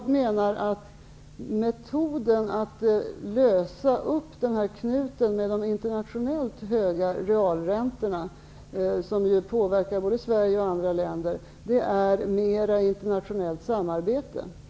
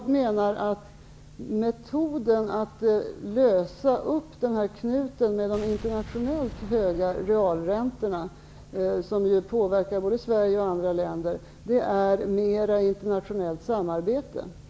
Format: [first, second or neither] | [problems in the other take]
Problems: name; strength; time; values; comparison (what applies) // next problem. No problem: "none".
first | background sound (Boom); 17 dB below the speech